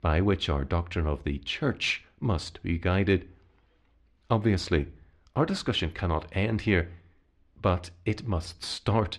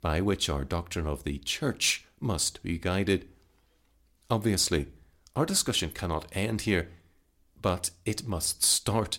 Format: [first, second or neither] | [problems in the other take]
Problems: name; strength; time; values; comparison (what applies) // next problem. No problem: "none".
second | muffled; slightly; fading above 2.5 kHz